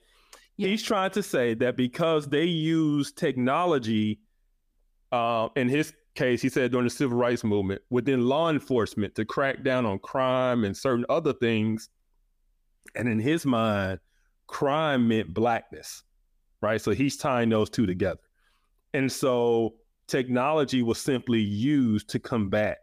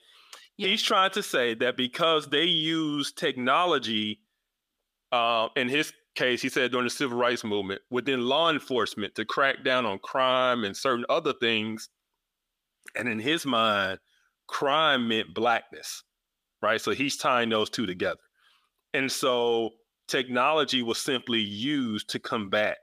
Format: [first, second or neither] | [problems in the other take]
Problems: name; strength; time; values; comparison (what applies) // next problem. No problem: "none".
first | thin; very slightly; fading below 1 kHz